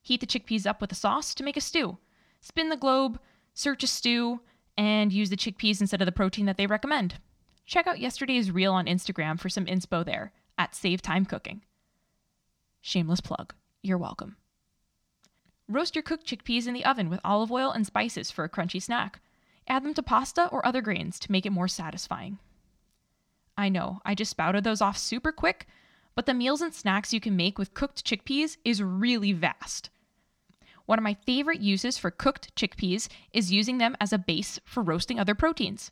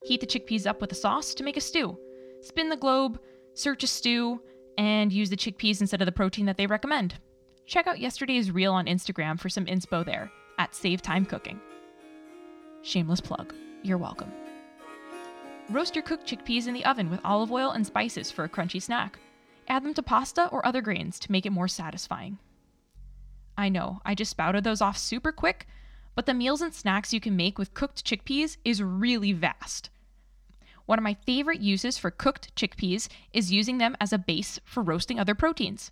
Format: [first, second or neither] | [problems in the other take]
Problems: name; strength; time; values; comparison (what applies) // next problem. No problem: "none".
first | background music; faint; throughout; 20 dB below the speech